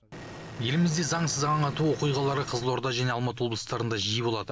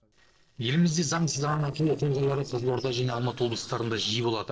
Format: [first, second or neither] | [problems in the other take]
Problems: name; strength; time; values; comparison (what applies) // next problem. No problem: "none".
first | noise reduction (neural separator model SepFormer DNS4)